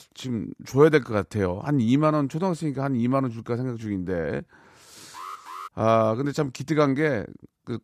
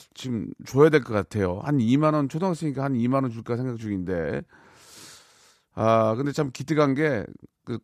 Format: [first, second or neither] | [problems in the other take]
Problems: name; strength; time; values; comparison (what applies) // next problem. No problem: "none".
second | alarm; faint; at 5 s; peak 15 dB below the speech